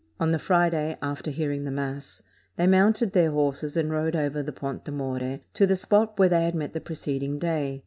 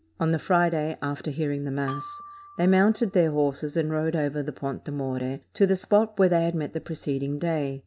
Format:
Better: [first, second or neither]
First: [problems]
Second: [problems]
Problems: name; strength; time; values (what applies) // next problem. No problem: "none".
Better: first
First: none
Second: background sound (Glockenspiel); 19 dB below the speech